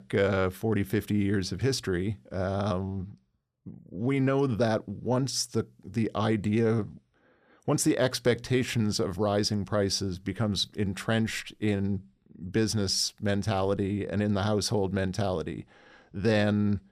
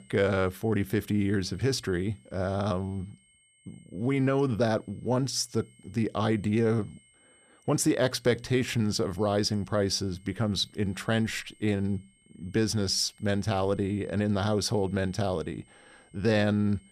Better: first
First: none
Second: high-pitched whine; faint; throughout; 8.5 kHz, 30 dB below the speech

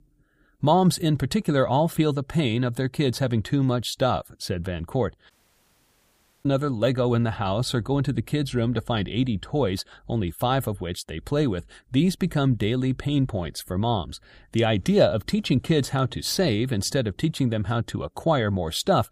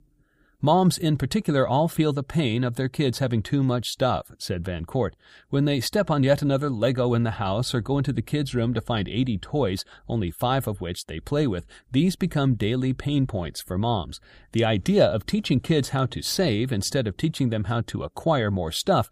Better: second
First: audio cutting out; at 5.5 s for 1 s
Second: none

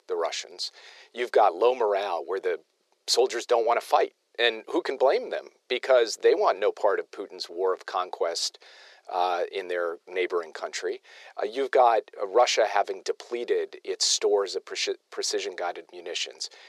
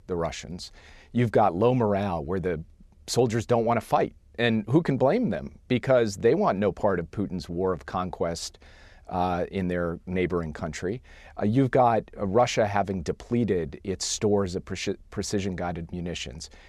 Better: second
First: thin; very; fading below 400 Hz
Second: none

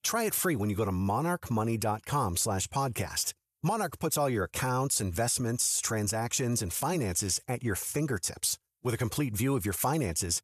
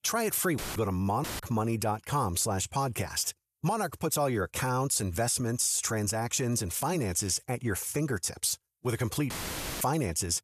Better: first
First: none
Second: audio cutting out; filled with static; at 0.5 s, at 1 s and at 9.5 s for 0.5 s

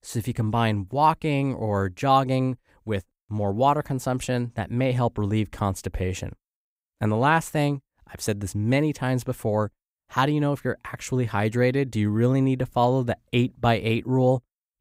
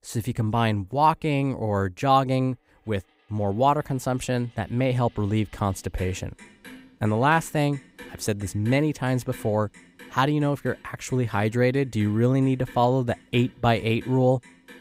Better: first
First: none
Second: household noises; faint; throughout; 25 dB below the speech

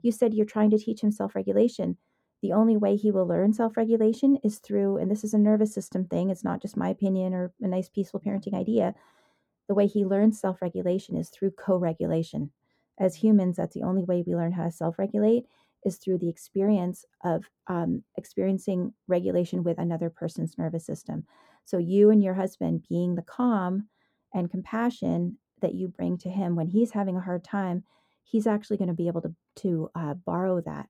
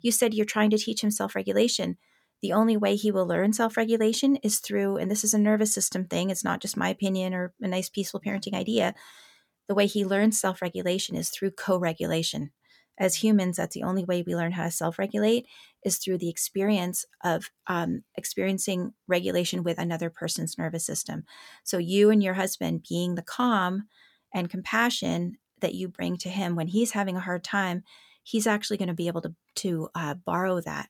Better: second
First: muffled; very; fading above 1.5 kHz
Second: none

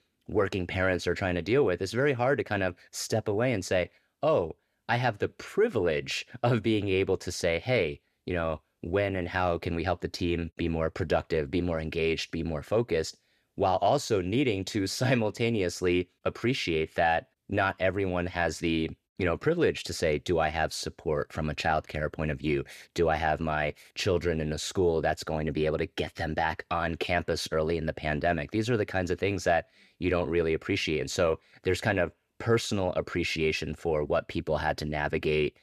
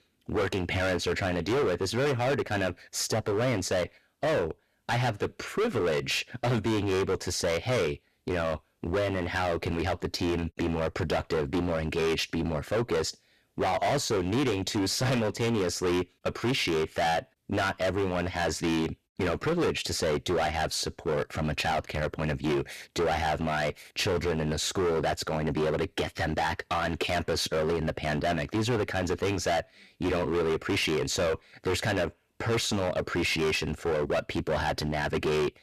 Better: first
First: none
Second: distortion; heavy; 20% of the sound clipped

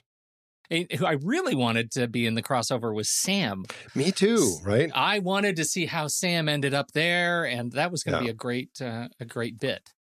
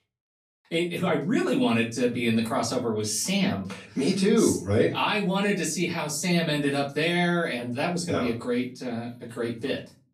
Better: first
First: none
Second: room echo; slight; dies away in 0.3 s // off-mic speech; far

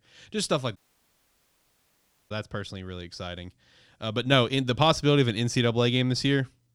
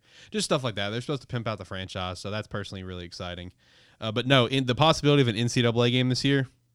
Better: second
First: audio cutting out; at 1 s for 1.5 s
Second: none

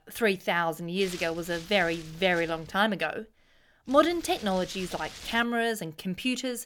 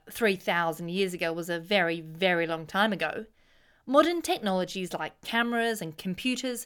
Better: second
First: wind noise on the microphone; occasional gusts; from 1 to 3 s and from 4 to 5.5 s; 15 dB below the speech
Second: none

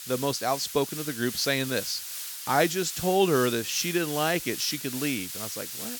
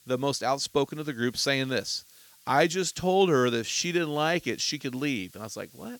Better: second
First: hiss; loud; throughout; 7 dB below the speech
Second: hiss; faint; throughout; 25 dB below the speech

